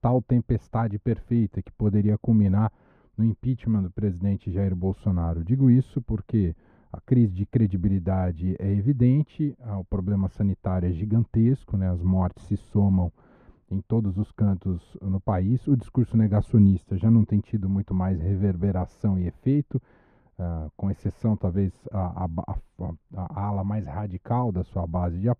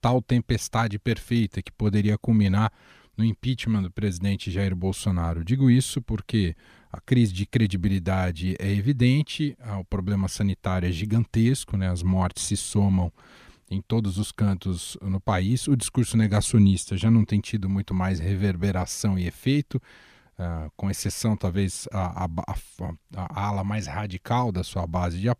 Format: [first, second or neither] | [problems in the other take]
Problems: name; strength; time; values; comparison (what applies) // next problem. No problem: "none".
second | muffled; very; fading above 2 kHz